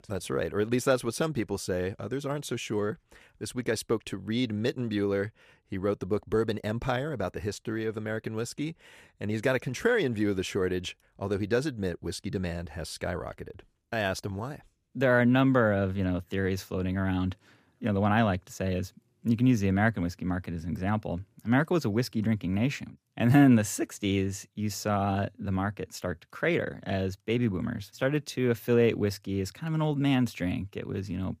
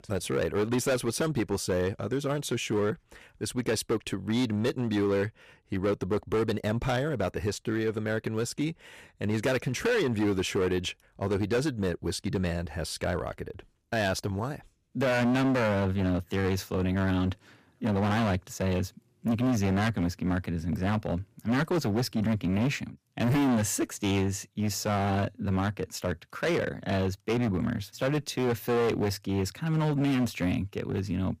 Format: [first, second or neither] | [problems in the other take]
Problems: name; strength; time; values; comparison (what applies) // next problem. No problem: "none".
first | distortion; heavy; 13% of the sound clipped